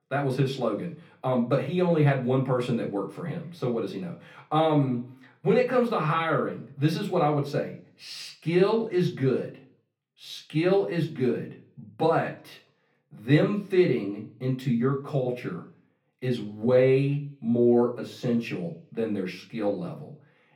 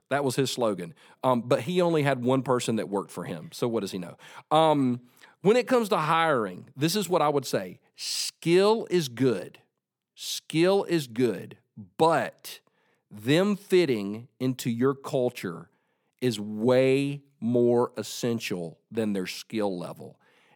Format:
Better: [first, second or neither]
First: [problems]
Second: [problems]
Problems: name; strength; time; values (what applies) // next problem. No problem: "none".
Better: second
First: room echo; slight; dies away in 0.5 s // off-mic speech; far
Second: none